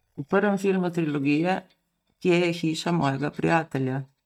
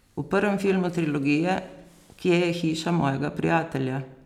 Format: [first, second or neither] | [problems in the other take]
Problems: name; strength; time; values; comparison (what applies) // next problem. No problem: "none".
second | noise reduction (neural mask model DeepFilterNet 3)